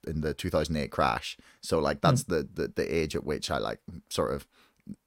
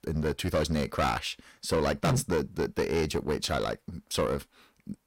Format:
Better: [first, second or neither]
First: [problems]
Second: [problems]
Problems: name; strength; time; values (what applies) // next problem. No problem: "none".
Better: first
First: none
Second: distortion; heavy; 9% of the sound clipped